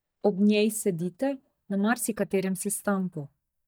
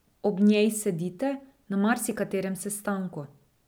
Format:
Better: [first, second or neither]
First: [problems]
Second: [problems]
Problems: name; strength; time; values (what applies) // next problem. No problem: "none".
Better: second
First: noise reduction (neural mask model DeepFilterNet 3)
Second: none